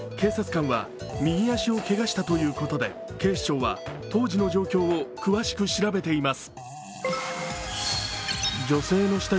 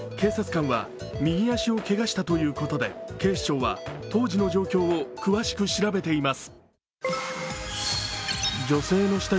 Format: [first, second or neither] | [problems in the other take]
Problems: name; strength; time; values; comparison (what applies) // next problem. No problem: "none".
second | background sound (Fart); 15 dB below the speech